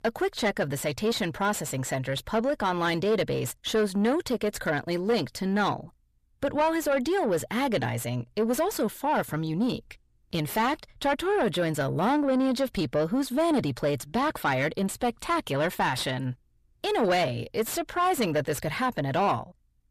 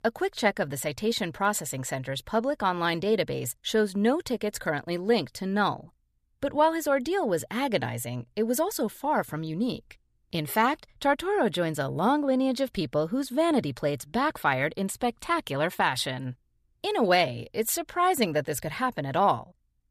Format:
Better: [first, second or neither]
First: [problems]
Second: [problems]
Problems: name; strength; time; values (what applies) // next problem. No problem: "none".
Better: second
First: distortion; slight; 9 dB below the speech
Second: none